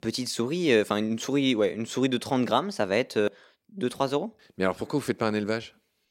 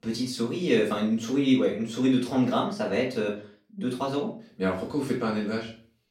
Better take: first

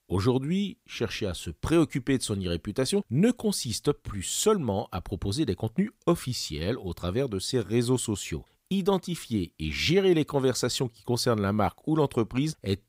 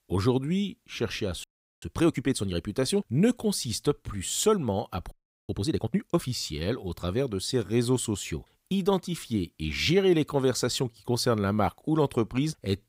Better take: first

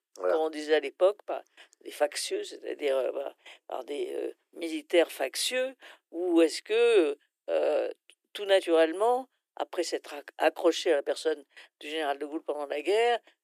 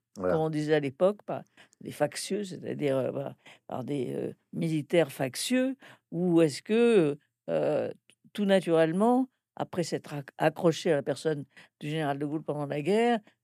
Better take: second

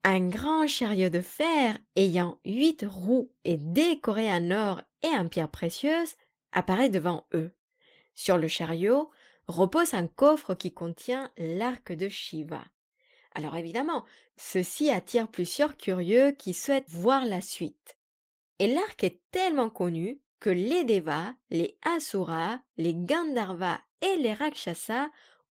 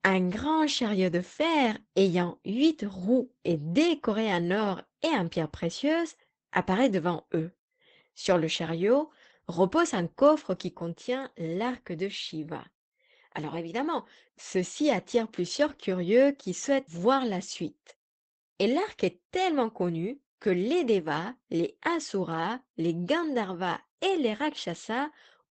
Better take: first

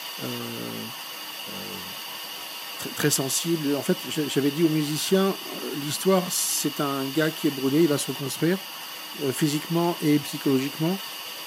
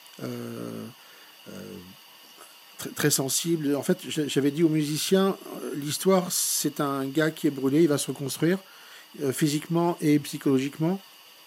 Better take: second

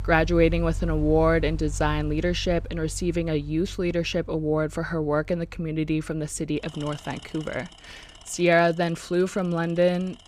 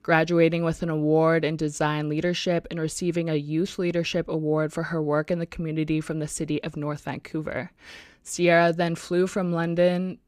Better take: second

